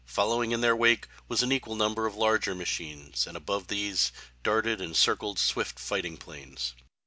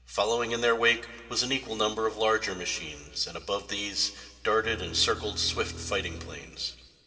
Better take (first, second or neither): first